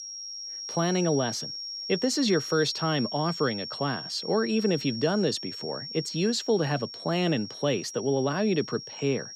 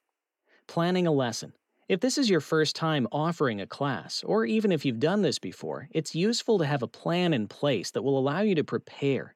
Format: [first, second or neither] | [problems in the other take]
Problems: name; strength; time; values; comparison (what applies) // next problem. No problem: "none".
second | high-pitched whine; loud; throughout; 5.5 kHz, 8 dB below the speech